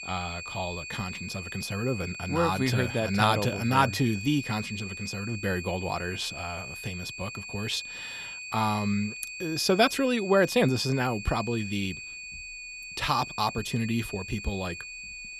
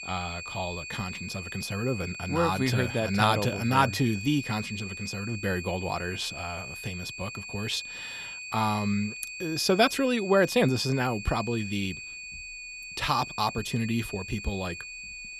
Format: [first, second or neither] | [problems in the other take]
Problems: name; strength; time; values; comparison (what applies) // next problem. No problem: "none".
neither | high-pitched whine; loud; throughout; 2.5 kHz, 9 dB below the speech; the same in both